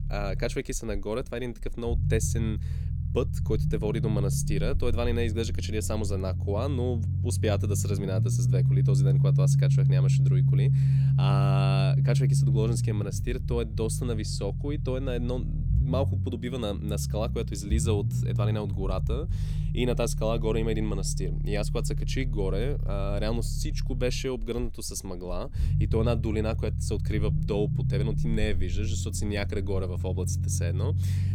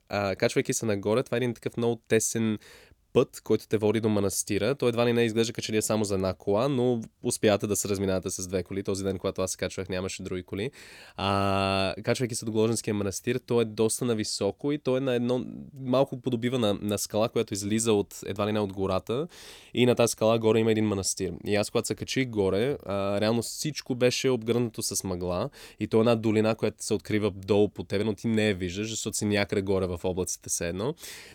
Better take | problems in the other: second | low rumble; loud; throughout; 6 dB below the speech

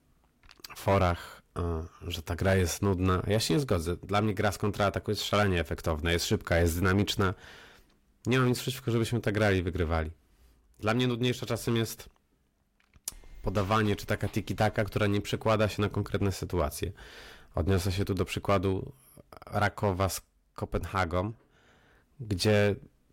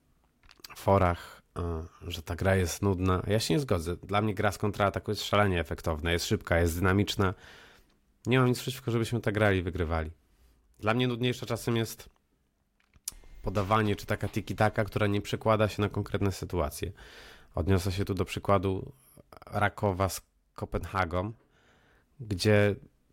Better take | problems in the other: second | distortion; slight; 4% of the sound clipped

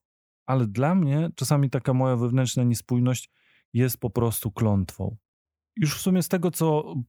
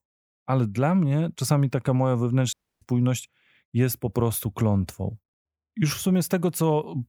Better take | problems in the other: first | audio cutting out; at 2.5 s

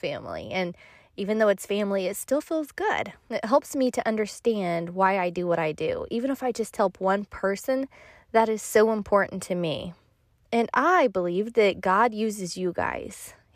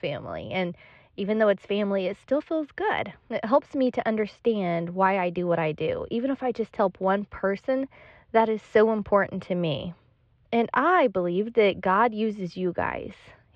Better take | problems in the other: first | muffled; slightly; fading above 3.5 kHz

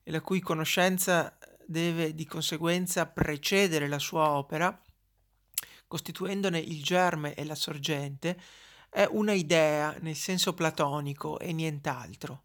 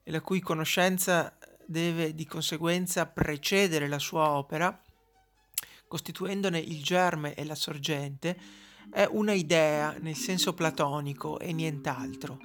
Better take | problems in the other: first | background music; noticeable; throughout; 15 dB below the speech

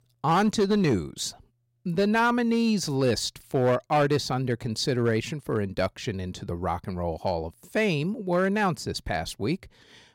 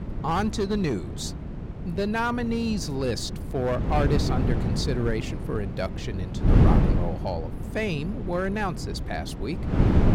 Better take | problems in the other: first | wind noise on the microphone; heavy; 6 dB below the speech

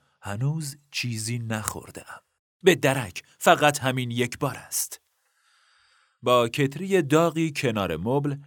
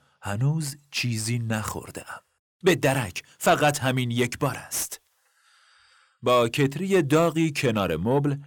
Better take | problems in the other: first | distortion; slight; 10 dB below the speech

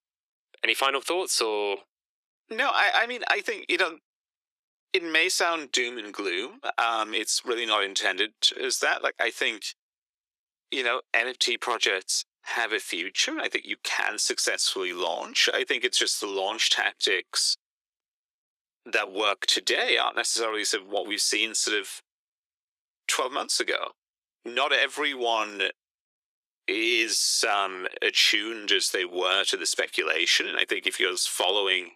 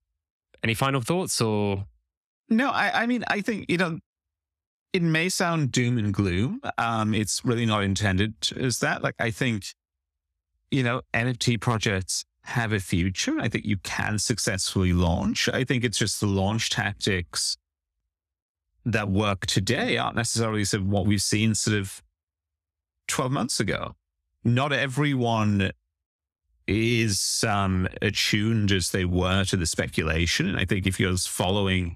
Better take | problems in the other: second | thin; very; fading below 350 Hz

